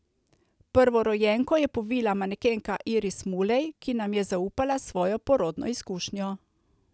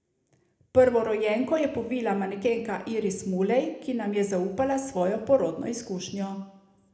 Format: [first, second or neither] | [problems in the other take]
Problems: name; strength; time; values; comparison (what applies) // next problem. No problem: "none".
first | room echo; dies away in 0.7 s